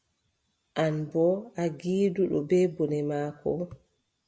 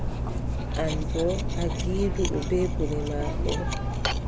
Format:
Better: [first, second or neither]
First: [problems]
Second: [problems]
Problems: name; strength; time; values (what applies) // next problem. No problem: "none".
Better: first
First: none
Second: background sound (Cutlery, silverware); 3 dB above the speech